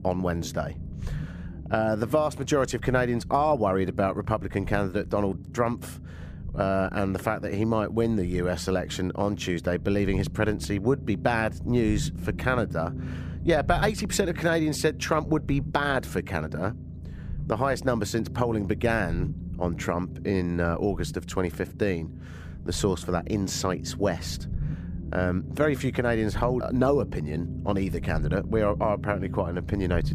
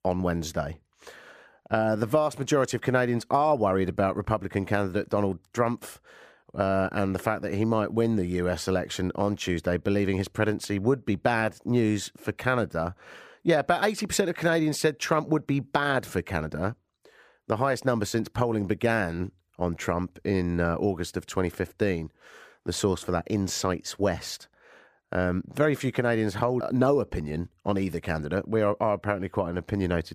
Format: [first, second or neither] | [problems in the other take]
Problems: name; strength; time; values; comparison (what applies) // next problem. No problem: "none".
second | low rumble; noticeable; throughout; 20 dB below the speech